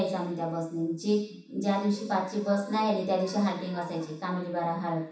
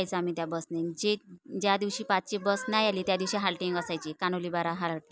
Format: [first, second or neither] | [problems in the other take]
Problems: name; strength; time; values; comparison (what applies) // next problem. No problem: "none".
second | room echo; dies away in 0.7 s